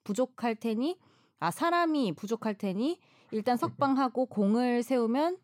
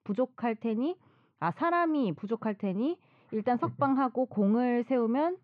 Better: first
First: none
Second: muffled; very; fading above 2.5 kHz

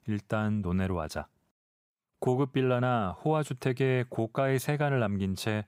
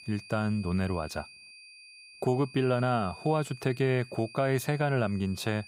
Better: first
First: none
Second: high-pitched whine; noticeable; throughout; 2.5 kHz, 20 dB below the speech

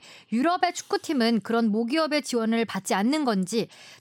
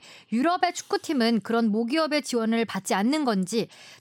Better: neither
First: none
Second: none

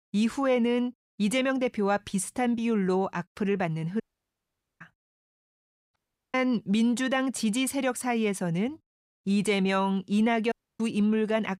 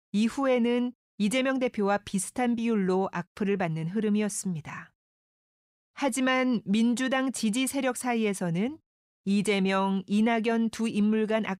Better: second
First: audio cutting out; at 4 s for 1 s, at 6 s and at 11 s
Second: none

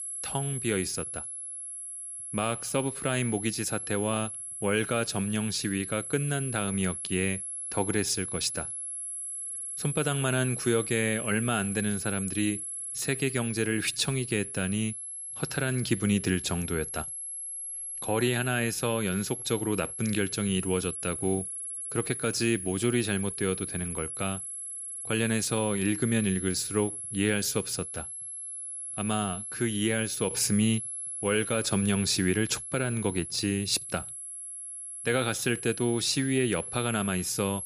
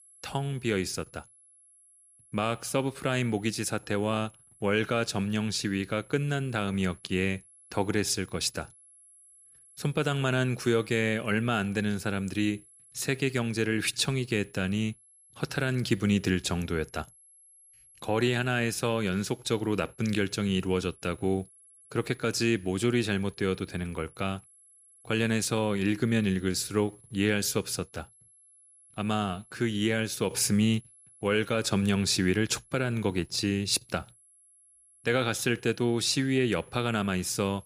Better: second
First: high-pitched whine; loud; throughout; 11 kHz, 5 dB below the speech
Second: high-pitched whine; faint; throughout; 11 kHz, 25 dB below the speech

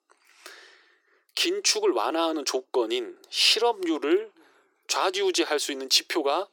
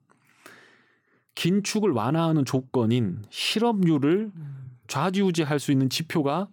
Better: second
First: thin; very; fading below 350 Hz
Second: none

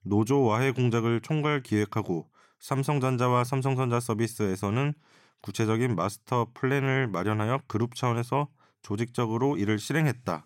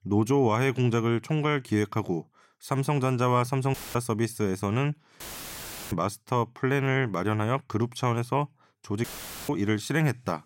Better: first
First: none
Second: audio cutting out; filled with static; at 3.5 s, at 5 s for 0.5 s and at 9 s

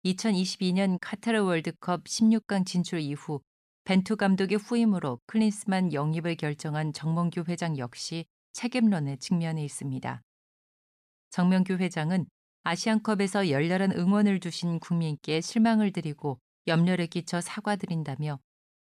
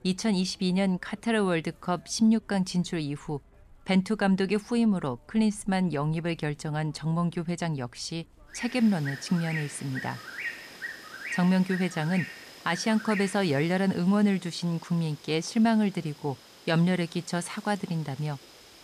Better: first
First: none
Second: animal sounds; noticeable; throughout; 15 dB below the speech

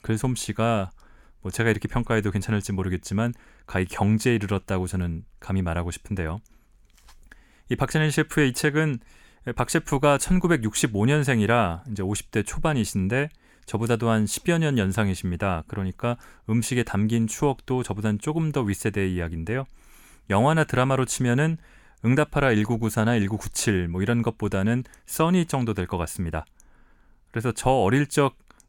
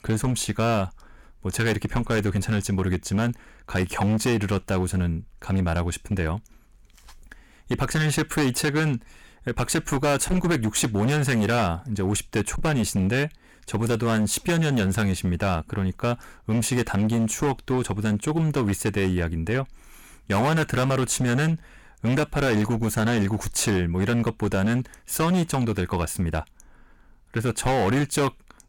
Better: first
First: none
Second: distortion; heavy; 14% of the sound clipped

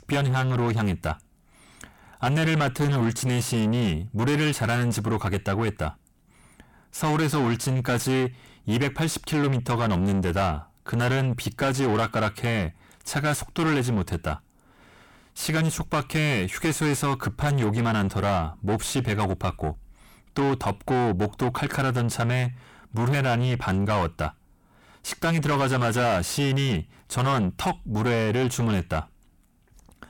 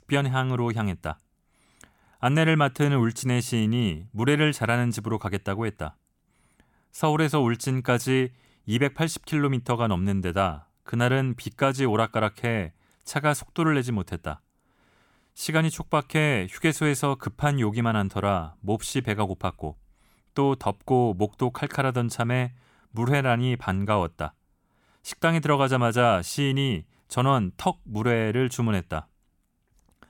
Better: second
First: distortion; heavy; 5 dB below the speech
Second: none

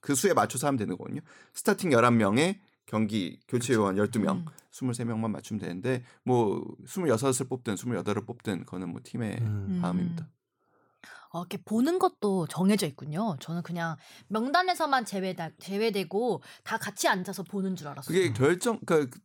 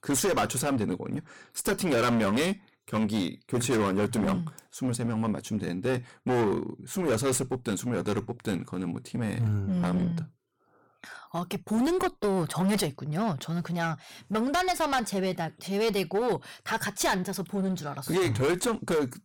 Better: first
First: none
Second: distortion; heavy; 15% of the sound clipped

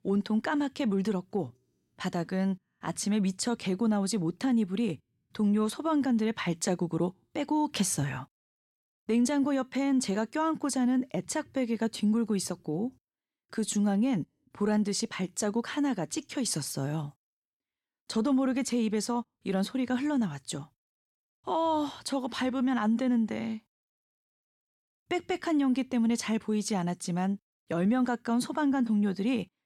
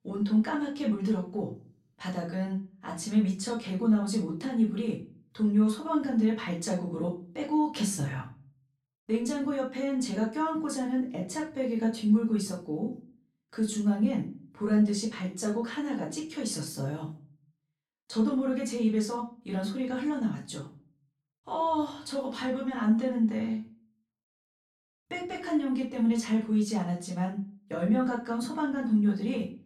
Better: first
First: none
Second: off-mic speech; far // room echo; slight; dies away in 0.3 s

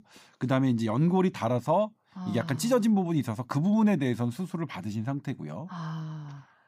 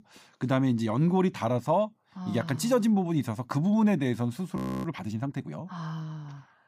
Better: first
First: none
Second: audio freezing; at 4.5 s

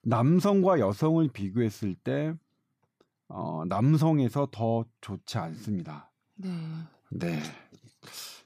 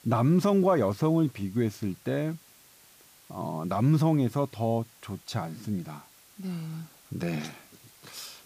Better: first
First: none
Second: hiss; faint; throughout; 25 dB below the speech

